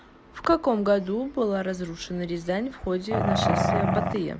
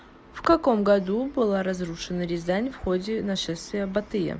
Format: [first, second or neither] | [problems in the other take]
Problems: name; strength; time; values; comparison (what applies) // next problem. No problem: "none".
second | background sound (Growling); 2 dB above the speech